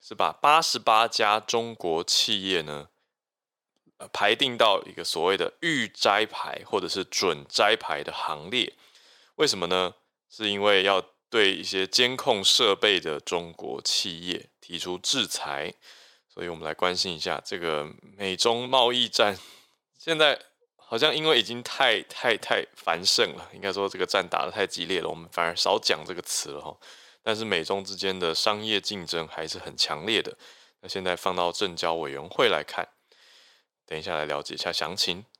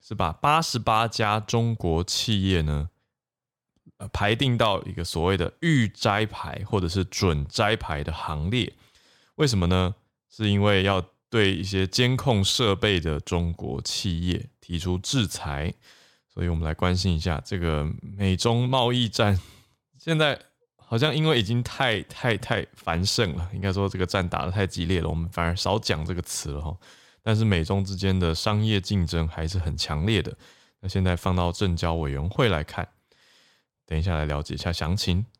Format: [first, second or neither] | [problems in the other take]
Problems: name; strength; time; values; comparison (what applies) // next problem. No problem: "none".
second | thin; very; fading below 450 Hz